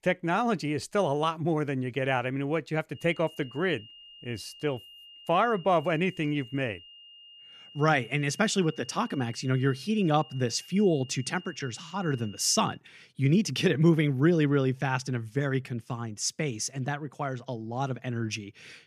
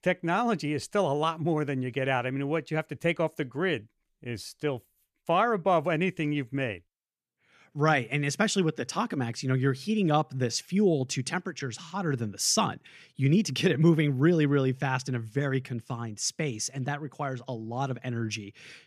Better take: second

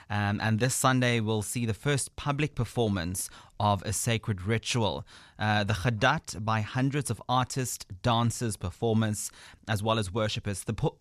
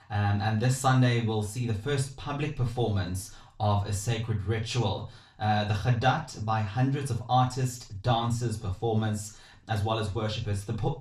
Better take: first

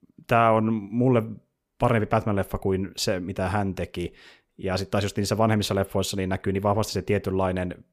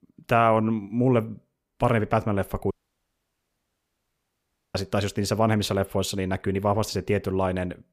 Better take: first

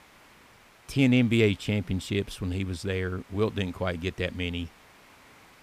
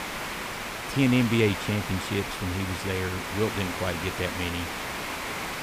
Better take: first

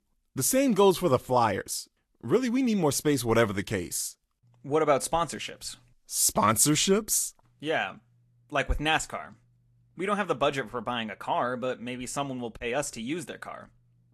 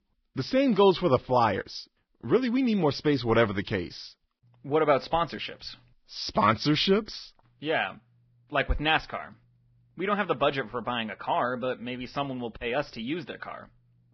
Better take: first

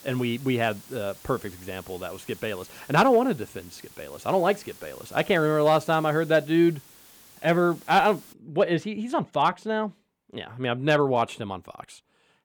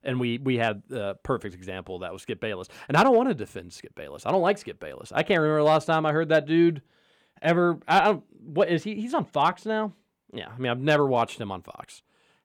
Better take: second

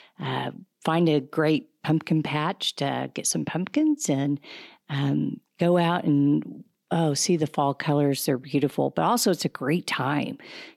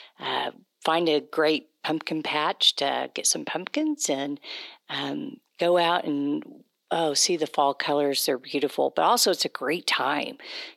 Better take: first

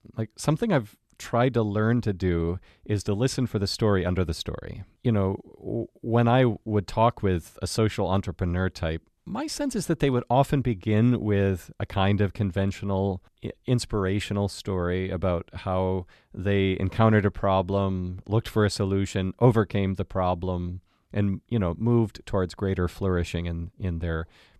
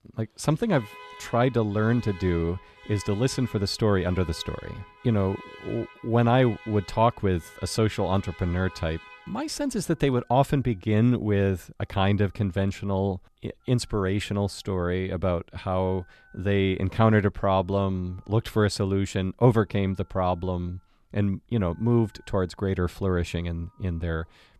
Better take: first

